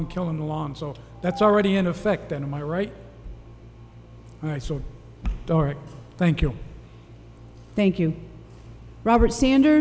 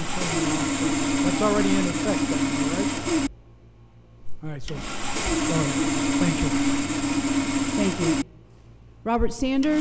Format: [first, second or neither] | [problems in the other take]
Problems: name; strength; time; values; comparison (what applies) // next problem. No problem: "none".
first | background sound (Sawing); 4 dB above the speech